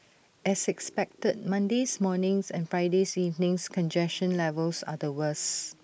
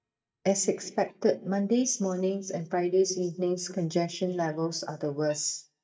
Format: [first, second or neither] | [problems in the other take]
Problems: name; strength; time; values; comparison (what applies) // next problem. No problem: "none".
first | noise reduction (neural mask model DeepFilterNet 3)